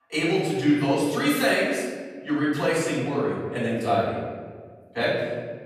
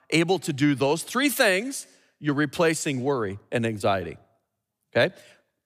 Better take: second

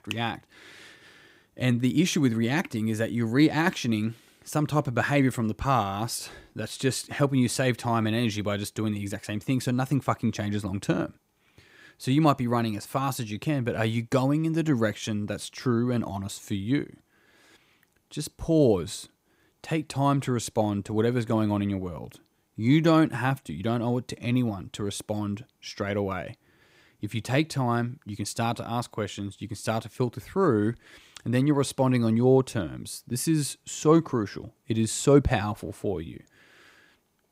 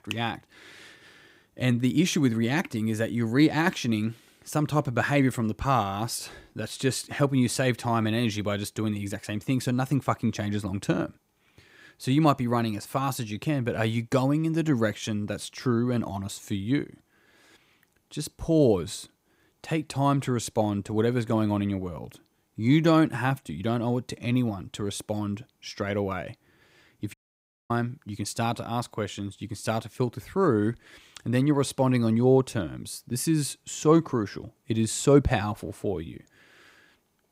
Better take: first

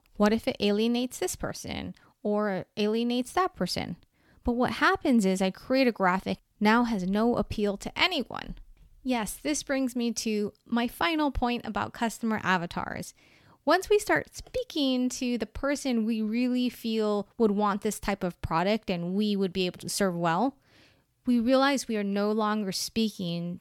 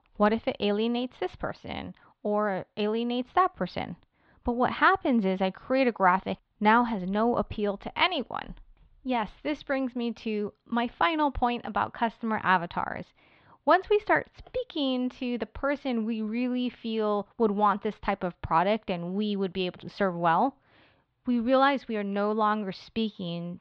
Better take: first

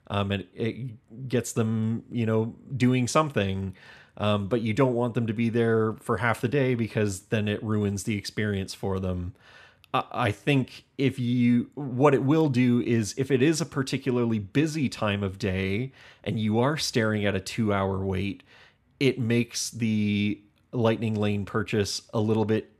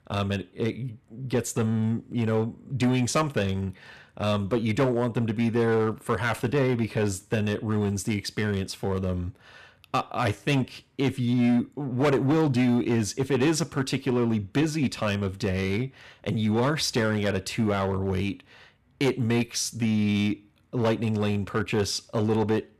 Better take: first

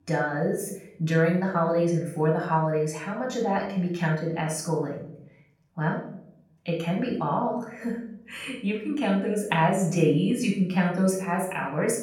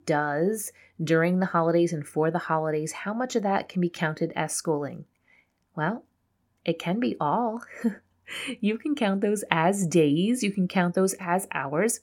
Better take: second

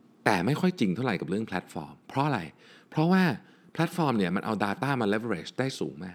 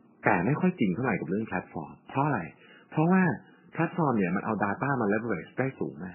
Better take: first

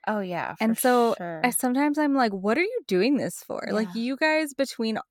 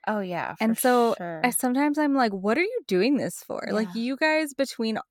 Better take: neither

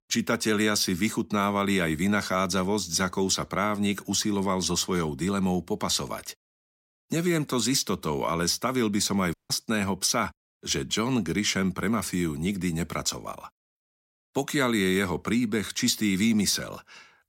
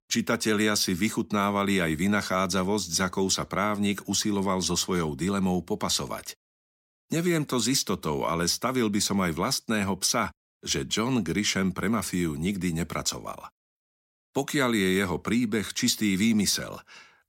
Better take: second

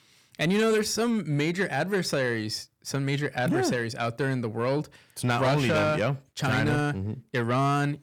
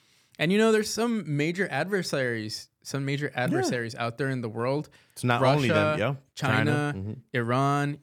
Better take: second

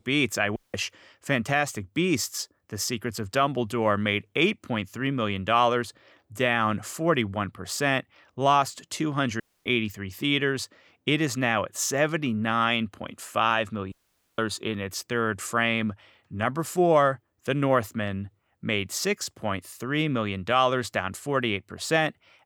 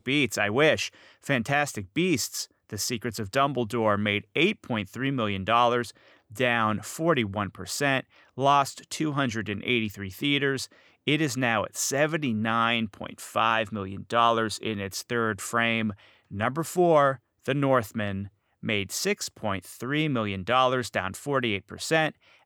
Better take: second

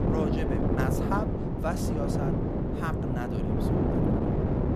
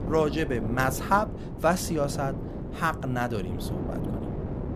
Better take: second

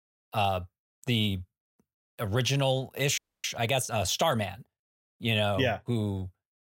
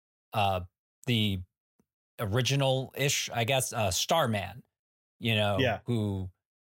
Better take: second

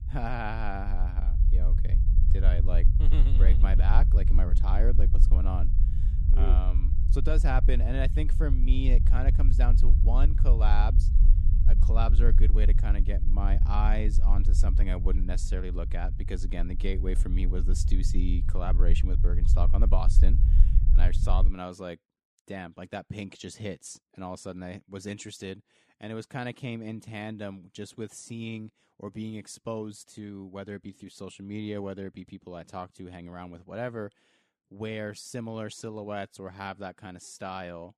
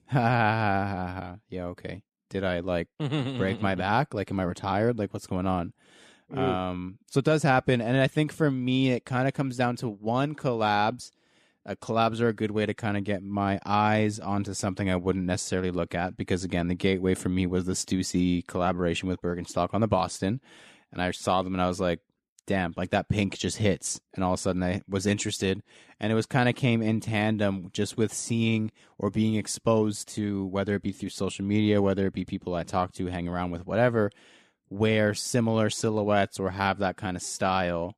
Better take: second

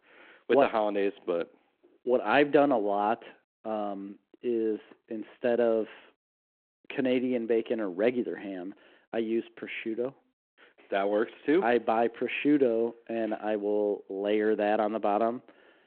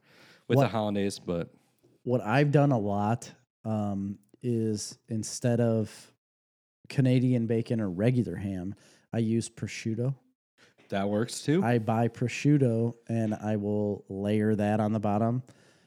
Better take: second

